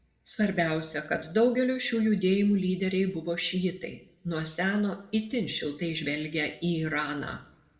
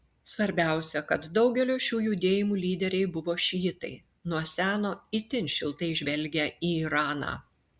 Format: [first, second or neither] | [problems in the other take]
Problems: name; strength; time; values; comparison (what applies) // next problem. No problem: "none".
second | room echo; dies away in 0.5 s